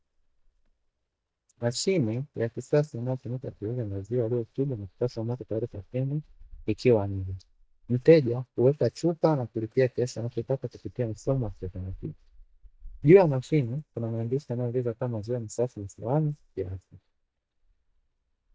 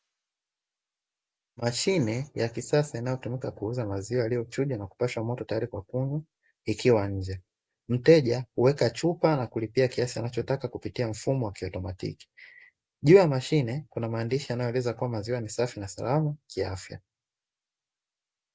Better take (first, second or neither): second